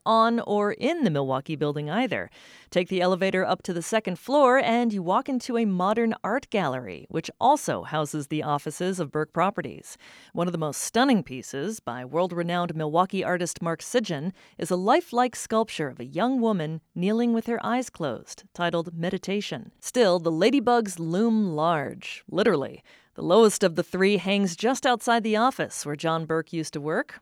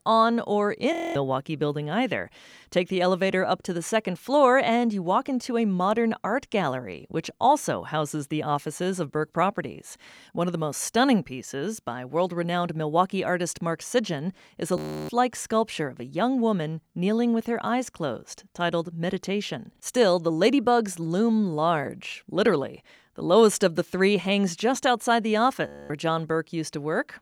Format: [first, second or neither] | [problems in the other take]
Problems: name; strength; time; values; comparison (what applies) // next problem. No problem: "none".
first | audio freezing; at 1 s, at 15 s and at 26 s